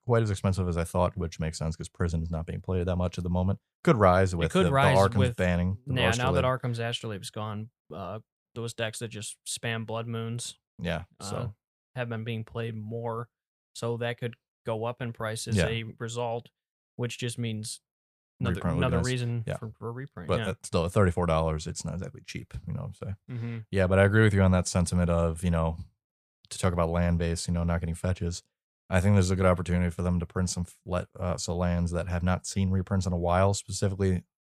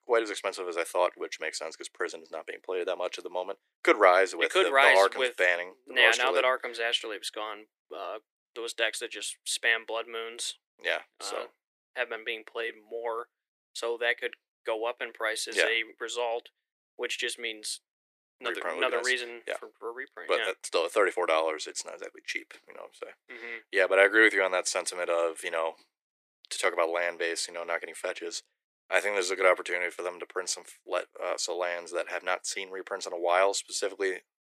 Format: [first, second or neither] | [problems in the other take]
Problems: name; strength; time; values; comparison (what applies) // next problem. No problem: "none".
first | thin; very; fading below 300 Hz